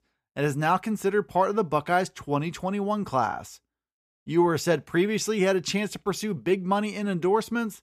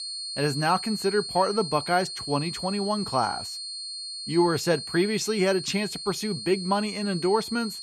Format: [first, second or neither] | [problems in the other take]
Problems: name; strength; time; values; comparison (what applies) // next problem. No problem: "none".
first | high-pitched whine; loud; throughout; 4.5 kHz, 7 dB below the speech